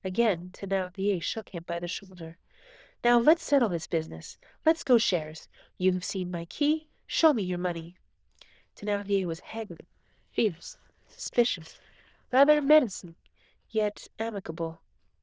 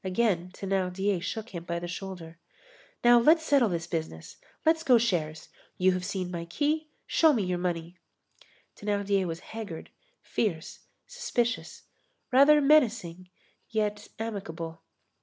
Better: second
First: noise reduction (neural diffusion model UNIVERSE++)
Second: none

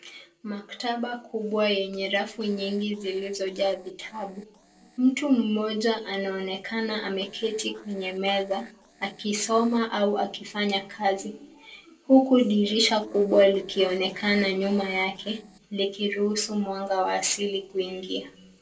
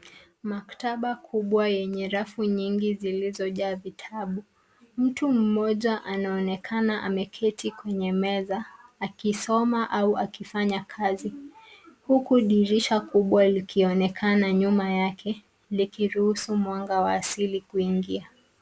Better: second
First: noise reduction (neural separator model SepFormer DNS4)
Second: none

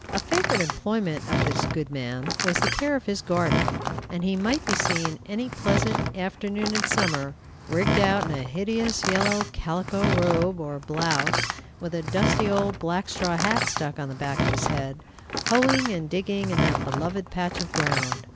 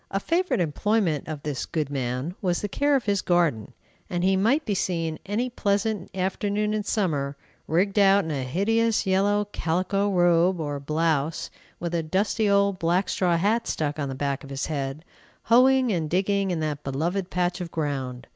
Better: second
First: background sound (Door); 1 dB below the speech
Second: none

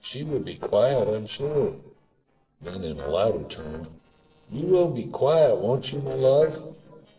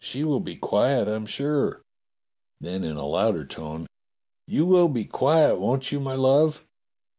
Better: second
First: noise reduction (neural separator model SepFormer DNS4)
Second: none

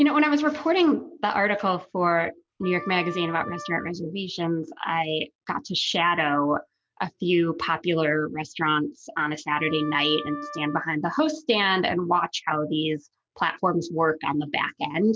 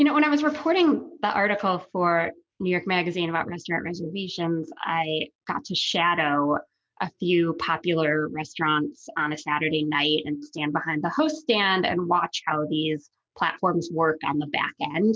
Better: second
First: background sound (Wind instrument, woodwind instrument); 14 dB below the speech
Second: none

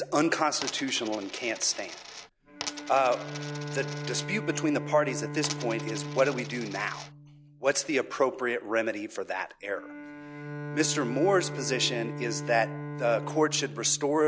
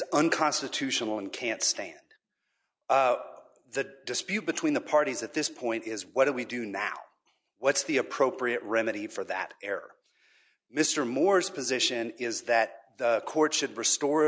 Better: second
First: background sound (Bowed string instrument + Coin (dropping)); 9 dB below the speech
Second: none

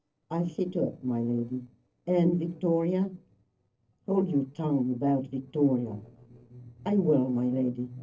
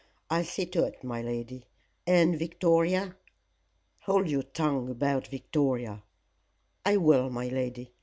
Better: second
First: noise reduction (neural separator model SepFormer DNS4)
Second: none

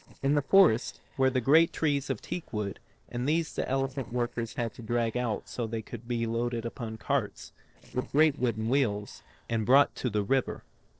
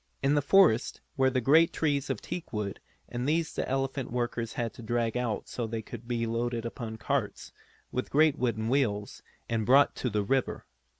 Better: second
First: noise reduction (neural separator model SepFormer DNS4)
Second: none

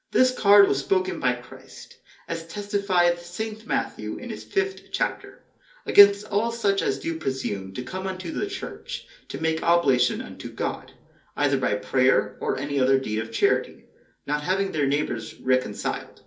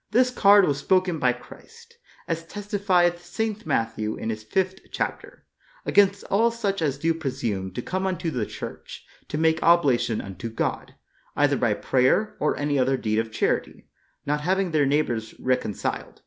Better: second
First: room echo; dies away in 0.3 s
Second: none

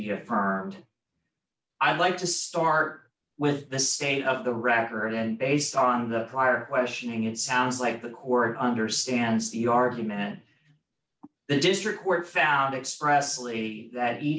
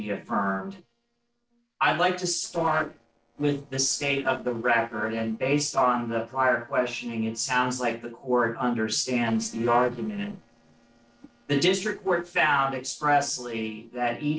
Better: first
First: none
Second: noise reduction (neural separator model SepFormer DNS4)

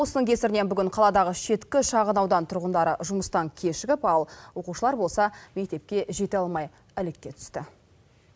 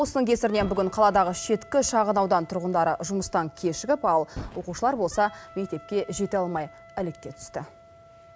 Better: first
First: none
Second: background sound (Boom + Wind instrument, woodwind instrument); 19 dB below the speech

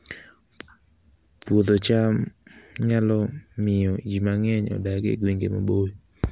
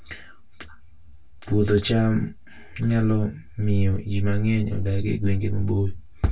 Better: first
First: none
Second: room echo; dies away in 0.1 s

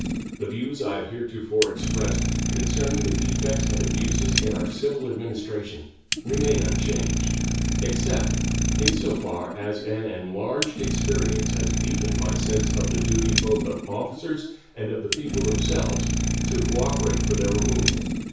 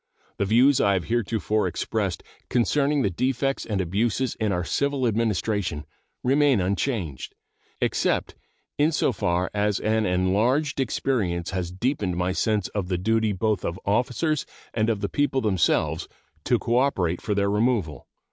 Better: second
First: background sound (Idling); 4 dB above the speech // room echo; dies away in 0.6 s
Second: none

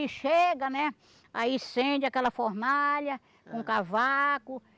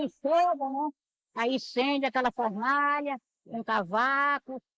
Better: first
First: none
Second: noise reduction (neural mask model Resemble Enhance denoiser)

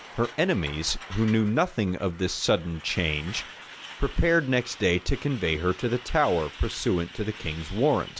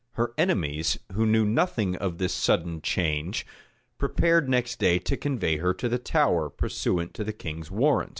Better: second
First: background sound (Truck); 17 dB below the speech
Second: none

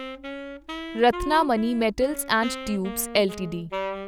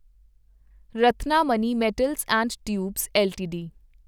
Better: second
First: background sound (Wind instrument, woodwind instrument); 10 dB below the speech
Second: none

